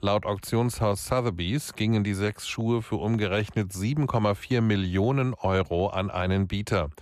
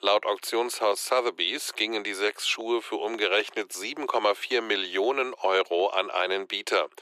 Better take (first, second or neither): first